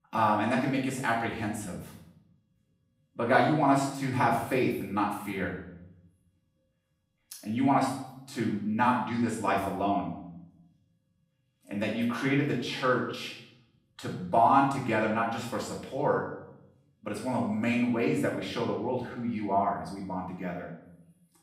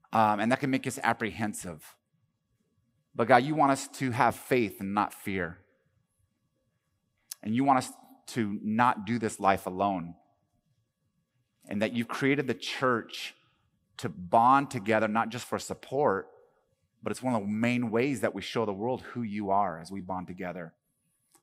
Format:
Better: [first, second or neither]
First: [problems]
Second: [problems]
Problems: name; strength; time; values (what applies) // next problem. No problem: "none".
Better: second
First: off-mic speech; far // room echo; noticeable; dies away in 0.7 s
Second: none